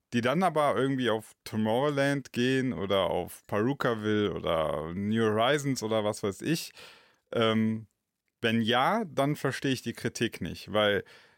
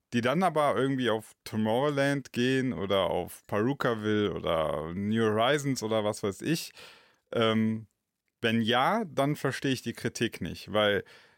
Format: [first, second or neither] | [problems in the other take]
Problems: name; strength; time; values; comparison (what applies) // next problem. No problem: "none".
neither | none